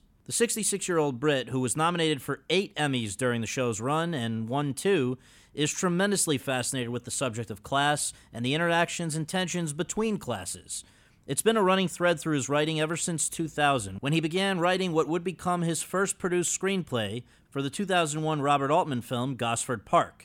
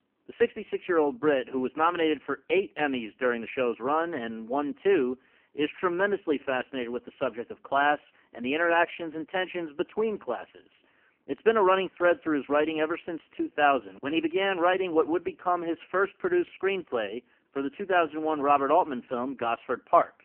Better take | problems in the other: first | phone-call audio; poor line; nothing above 3 kHz

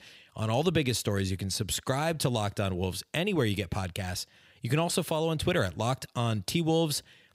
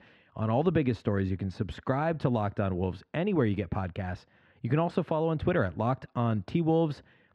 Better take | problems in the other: first | muffled; very; fading above 1.5 kHz

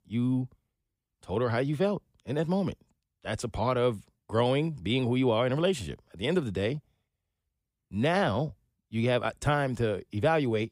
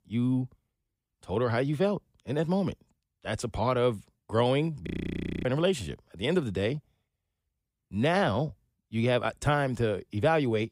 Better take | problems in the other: first | audio freezing; at 5 s for 0.5 s

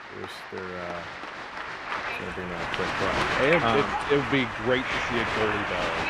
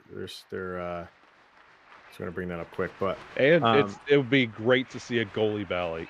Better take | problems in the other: second | crowd noise; loud; throughout; 1 dB below the speech; faint in the second

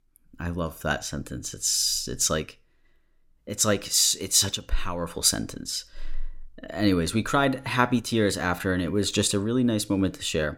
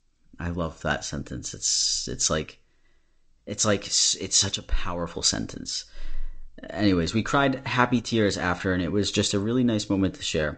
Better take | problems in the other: first | garbled, watery; slightly; nothing above 8 kHz

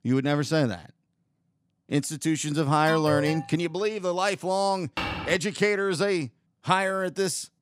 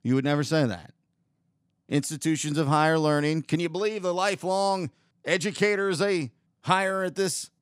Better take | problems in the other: second | alarm; noticeable; at 3 s; peak 5 dB below the speech // footsteps; noticeable; at 5 s; peak 5 dB below the speech

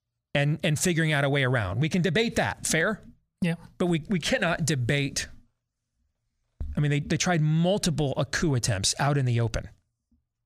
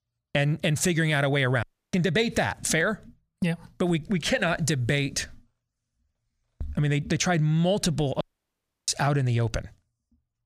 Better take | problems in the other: first | audio cutting out; at 1.5 s and at 8 s for 0.5 s

